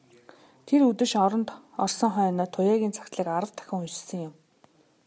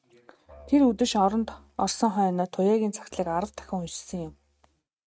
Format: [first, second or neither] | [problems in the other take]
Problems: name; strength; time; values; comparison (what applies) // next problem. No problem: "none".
first | noise reduction (neural mask model RNNoise)